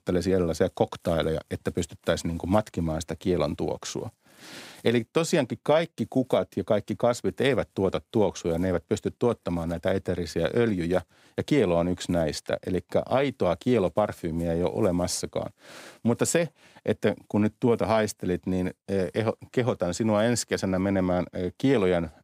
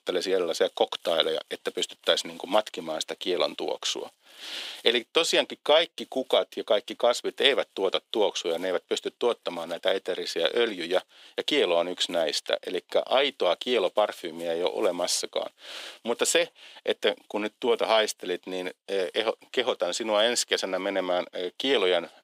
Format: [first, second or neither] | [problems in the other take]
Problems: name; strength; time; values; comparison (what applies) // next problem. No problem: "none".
first | thin; somewhat; fading below 400 Hz